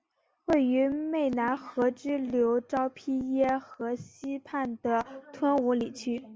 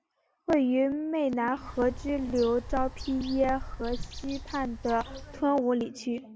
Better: first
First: none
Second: background sound (Bird); 9 dB below the speech

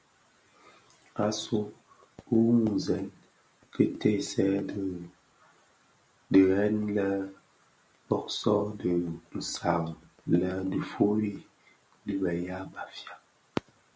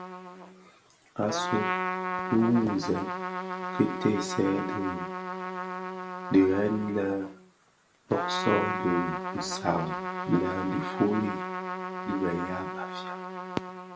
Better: first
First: none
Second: background sound (Trumpet); 4 dB below the speech

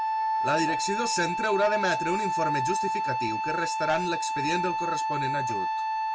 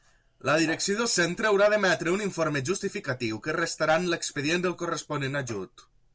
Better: second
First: background sound (Wind instrument, woodwind instrument); 2 dB above the speech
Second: none

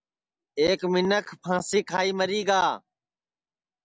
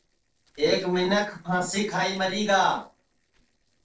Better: first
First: none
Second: noise reduction (neural separator model SepFormer DNS4)

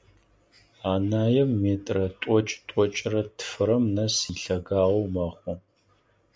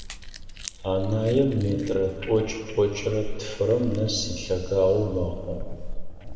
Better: first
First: none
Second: background sound (Chewing, mastication); 8 dB below the speech // room echo; dies away in 2.1 s

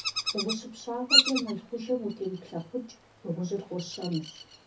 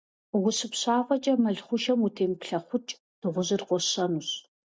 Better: second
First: background sound (Bird vocalization, bird call, bird song); 2 dB above the speech // room echo; dies away in 0.3 s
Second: none

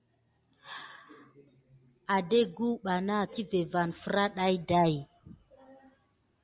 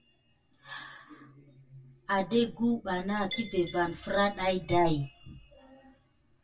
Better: first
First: none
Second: background sound (Chime); 20 dB below the speech // room echo; dies away in 0.1 s

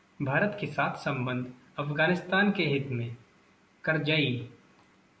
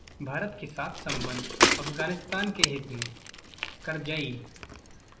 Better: first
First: none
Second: background sound (Bicycle); 4 dB above the speech

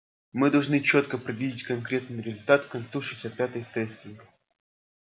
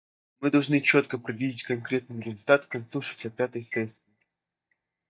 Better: first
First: none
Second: noise reduction (neural mask model DeepFilterNet 3)

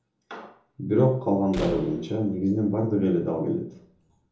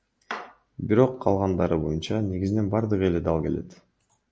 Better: second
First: background sound (Slam); 14 dB below the speech // room echo; dies away in 1 s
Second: none

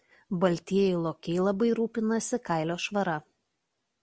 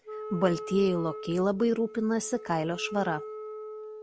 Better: first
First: none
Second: background sound (Wind instrument, woodwind instrument); 11 dB below the speech

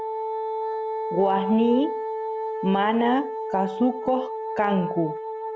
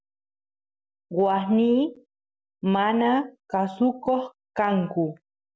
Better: second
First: background sound (Wind instrument, woodwind instrument); 4 dB below the speech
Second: none

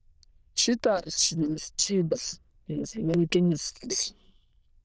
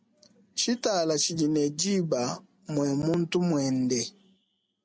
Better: second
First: noise reduction (neural diffusion model UNIVERSE++)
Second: none

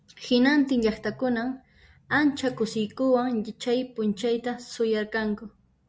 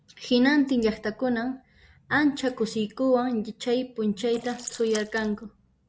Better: first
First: none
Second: noise reduction (neural mask model Resemble Enhance denoiser)

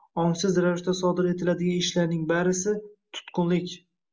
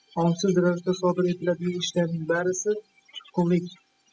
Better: first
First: none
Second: noise reduction (classical method spectral subtraction)

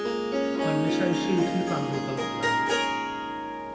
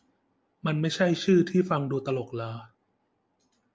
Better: second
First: background sound (Harp); 5 dB above the speech // room echo; dies away in 2.1 s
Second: none

